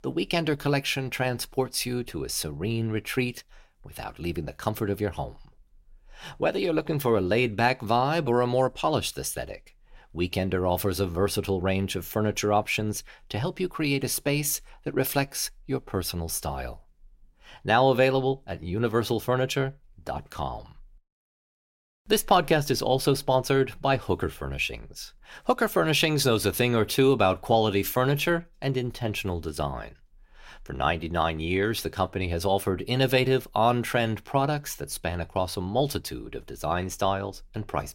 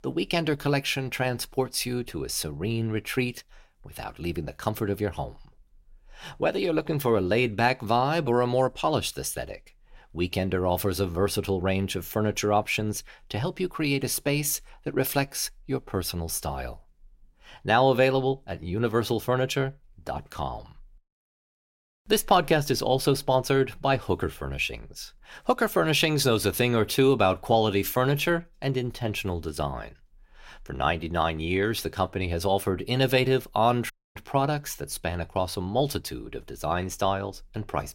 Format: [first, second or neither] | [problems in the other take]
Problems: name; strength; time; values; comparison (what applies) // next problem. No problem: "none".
first | audio cutting out; at 34 s